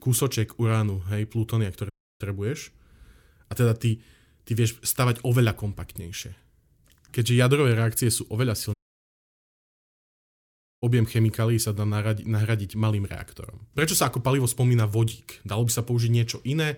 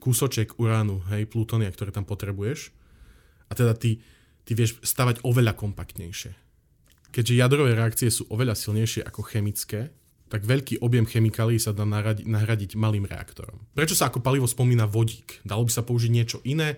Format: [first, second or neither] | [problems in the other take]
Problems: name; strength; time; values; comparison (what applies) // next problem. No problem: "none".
second | audio cutting out; at 2 s and at 8.5 s for 2 s